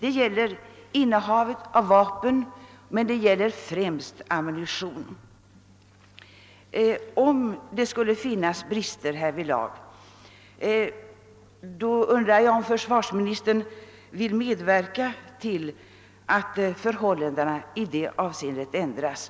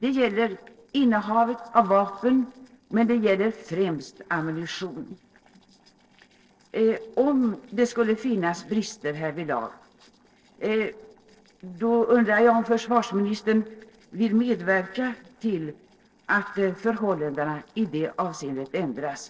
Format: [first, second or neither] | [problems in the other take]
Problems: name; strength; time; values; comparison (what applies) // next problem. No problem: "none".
first | noise reduction (neural separator model SepFormer DNS4)